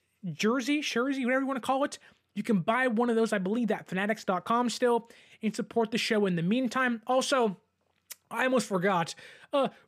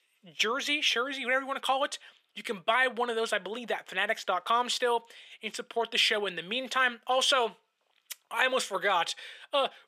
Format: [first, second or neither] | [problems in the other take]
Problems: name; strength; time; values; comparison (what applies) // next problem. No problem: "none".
first | thin; somewhat; fading below 600 Hz